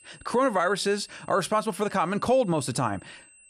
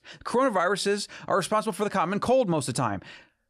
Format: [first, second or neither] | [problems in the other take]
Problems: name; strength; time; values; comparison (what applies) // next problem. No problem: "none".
second | high-pitched whine; faint; throughout; 8 kHz, 25 dB below the speech